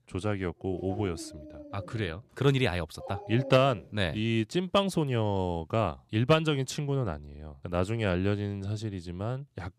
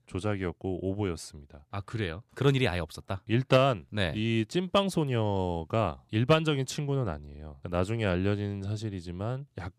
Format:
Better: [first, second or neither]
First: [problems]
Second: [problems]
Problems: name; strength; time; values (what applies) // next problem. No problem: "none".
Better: second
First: dog barking; faint; from 0.5 to 4 s; peak 10 dB below the speech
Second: none